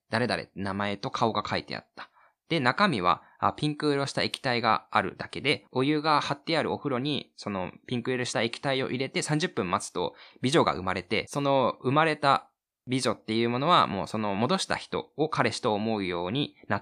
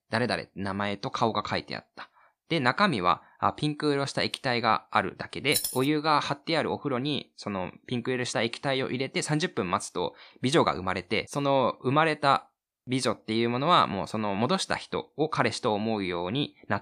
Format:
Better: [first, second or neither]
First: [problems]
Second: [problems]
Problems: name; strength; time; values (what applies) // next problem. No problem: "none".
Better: first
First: none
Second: jangling keys; noticeable; at 5.5 s; peak 1 dB below the speech